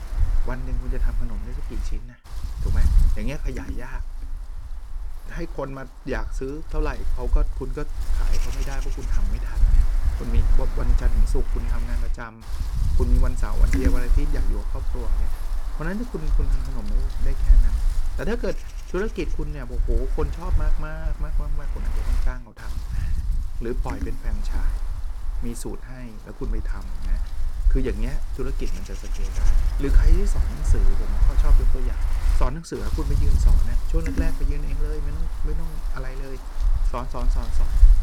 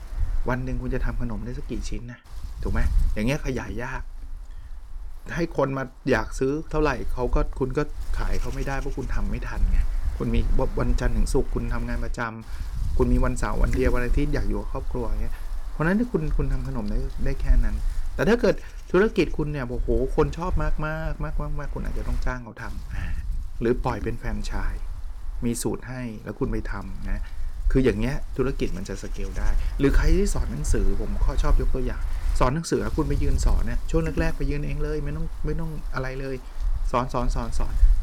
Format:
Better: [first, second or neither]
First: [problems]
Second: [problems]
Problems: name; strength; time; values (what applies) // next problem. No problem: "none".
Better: second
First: wind noise on the microphone; heavy; 6 dB below the speech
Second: wind noise on the microphone; occasional gusts; 20 dB below the speech